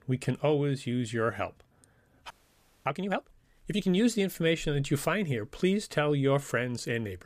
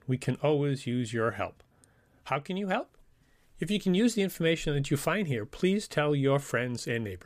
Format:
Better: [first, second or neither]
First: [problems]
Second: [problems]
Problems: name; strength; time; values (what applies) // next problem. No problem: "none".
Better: second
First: audio freezing; at 2.5 s for 0.5 s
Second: none